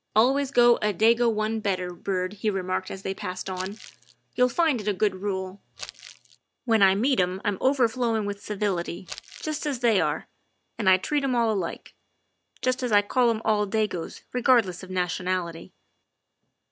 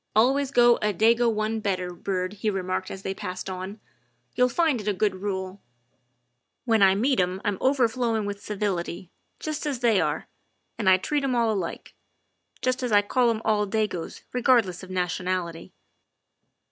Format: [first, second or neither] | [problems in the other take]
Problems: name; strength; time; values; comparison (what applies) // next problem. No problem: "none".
second | background sound (Crumpling, crinkling); 16 dB below the speech